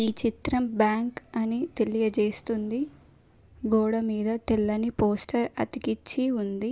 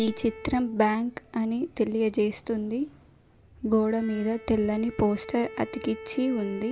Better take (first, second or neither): first